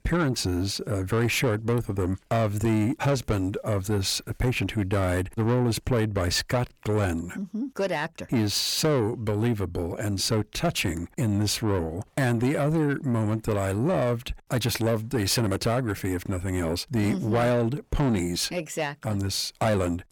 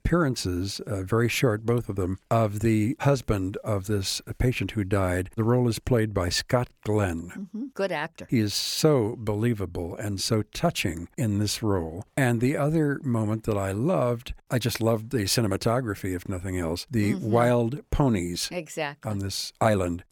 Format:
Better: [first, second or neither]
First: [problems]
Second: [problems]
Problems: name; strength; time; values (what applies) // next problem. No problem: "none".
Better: second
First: distortion; slight; 10 dB below the speech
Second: none